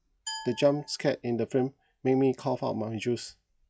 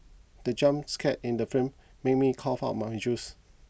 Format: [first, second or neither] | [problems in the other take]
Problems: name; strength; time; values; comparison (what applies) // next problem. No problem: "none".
second | noise reduction (classical method log-MMSE)